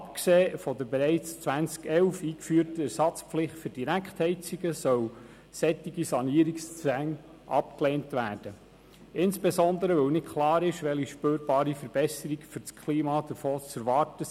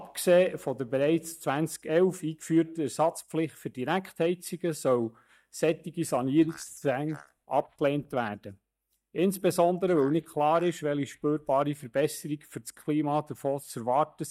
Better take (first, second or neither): first